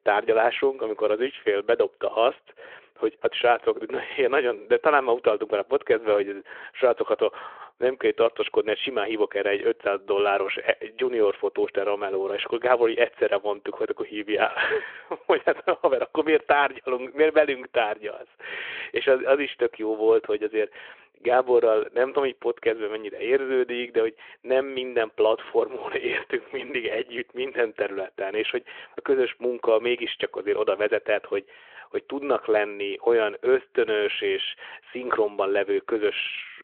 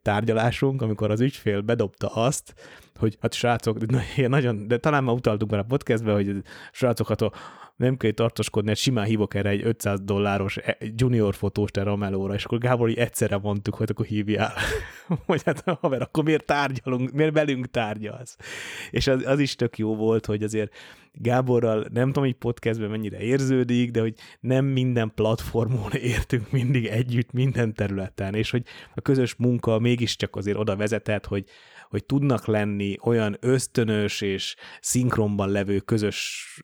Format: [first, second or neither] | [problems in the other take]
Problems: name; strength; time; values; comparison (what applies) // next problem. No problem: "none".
second | phone-call audio